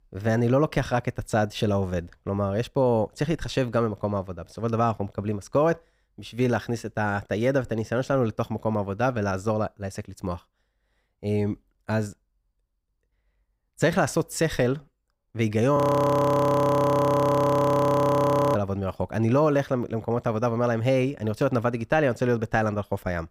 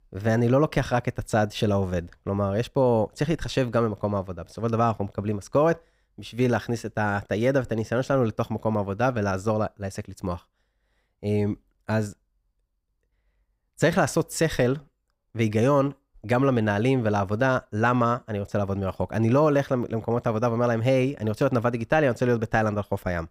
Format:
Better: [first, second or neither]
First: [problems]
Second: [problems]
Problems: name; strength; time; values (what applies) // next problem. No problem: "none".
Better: second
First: audio freezing; at 16 s for 3 s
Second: none